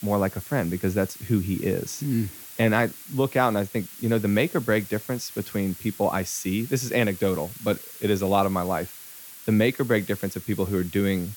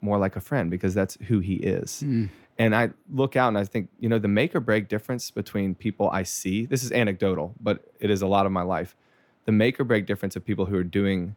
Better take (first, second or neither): second